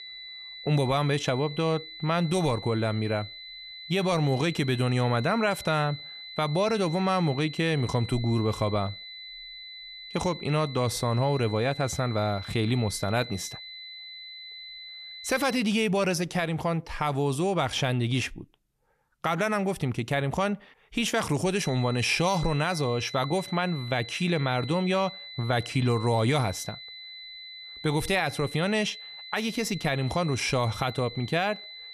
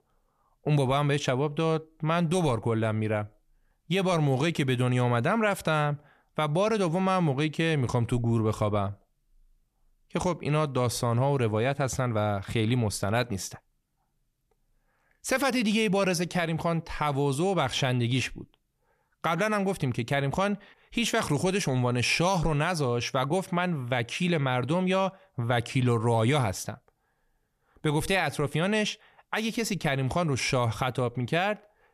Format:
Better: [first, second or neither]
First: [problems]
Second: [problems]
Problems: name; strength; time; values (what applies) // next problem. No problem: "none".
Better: second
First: high-pitched whine; noticeable; until 16 s and from 22 s on; 4 kHz, 15 dB below the speech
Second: none